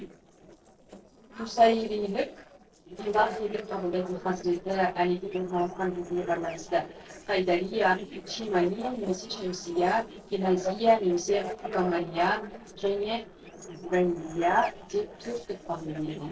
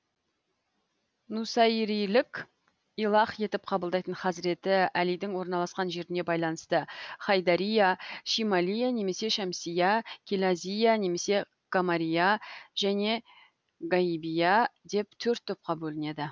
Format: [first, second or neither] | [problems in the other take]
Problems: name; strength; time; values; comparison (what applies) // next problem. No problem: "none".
second | noise reduction (neural separator model SepFormer DNS4)